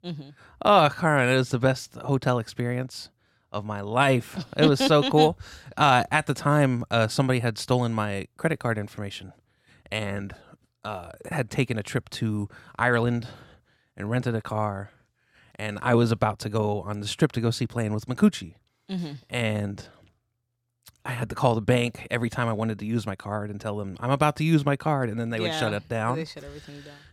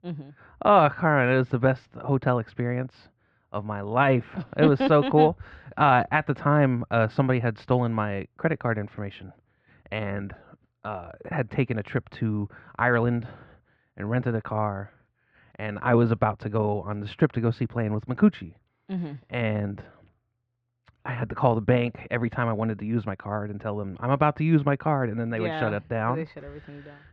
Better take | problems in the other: first | muffled; very; fading above 2.5 kHz

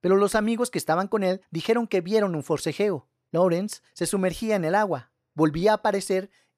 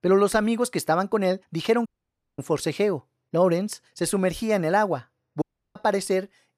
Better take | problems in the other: first | audio cutting out; at 2 s for 0.5 s and at 5.5 s

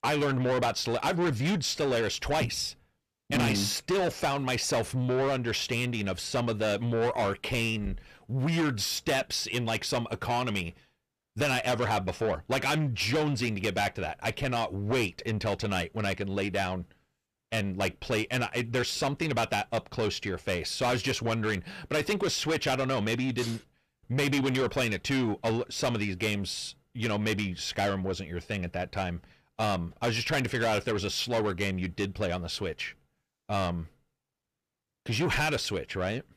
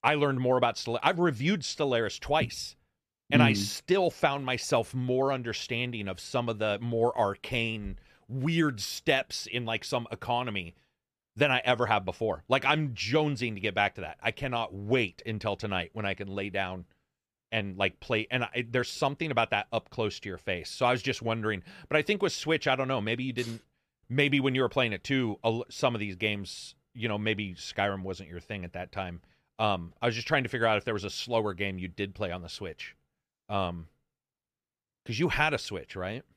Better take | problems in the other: second | distortion; heavy; 6 dB below the speech

